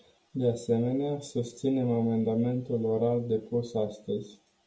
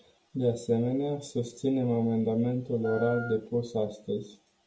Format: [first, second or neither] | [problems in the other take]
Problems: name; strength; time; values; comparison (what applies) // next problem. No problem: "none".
first | background sound (Wind instrument, woodwind instrument); 12 dB below the speech